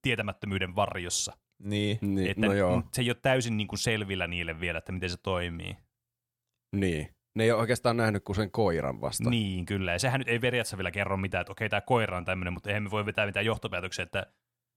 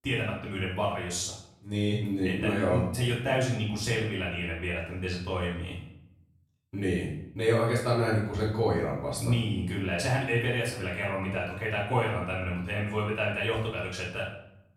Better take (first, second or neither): first